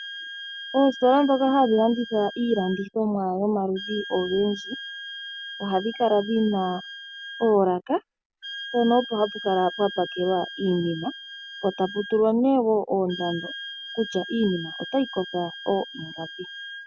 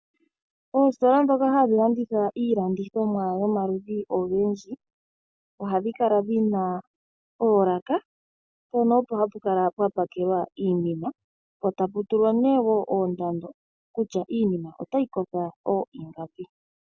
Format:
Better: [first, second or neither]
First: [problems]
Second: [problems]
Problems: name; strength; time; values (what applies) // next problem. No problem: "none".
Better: second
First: background sound (Wind instrument, woodwind instrument); 14 dB below the speech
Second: none